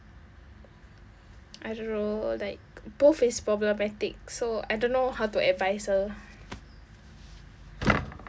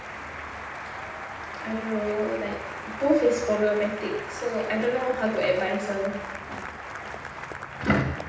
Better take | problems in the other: first | background sound (Applause); 9 dB below the speech // room echo; dies away in 0.8 s

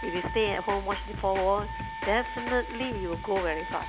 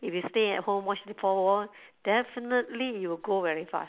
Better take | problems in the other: second | background sound (Wind instrument, woodwind instrument + Drum kit); 6 dB below the speech

